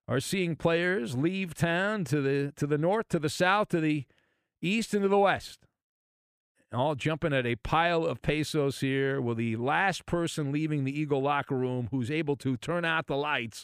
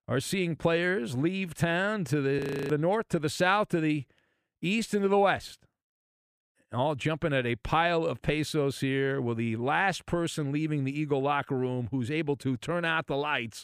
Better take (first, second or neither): first